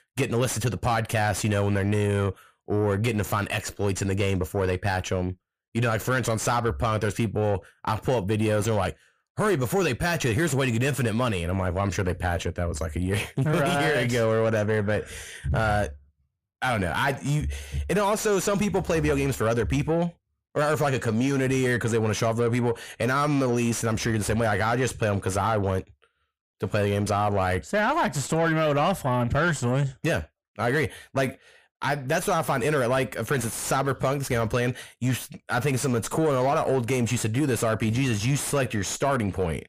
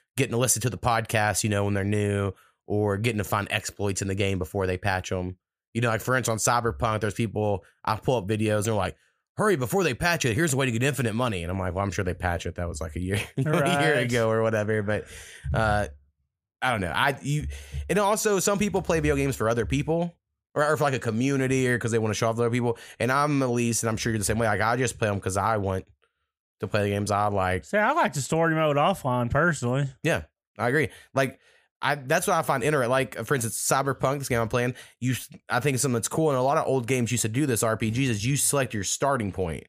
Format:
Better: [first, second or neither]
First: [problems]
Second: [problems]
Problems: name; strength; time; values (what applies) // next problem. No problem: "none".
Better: second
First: distortion; slight; 10 dB below the speech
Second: none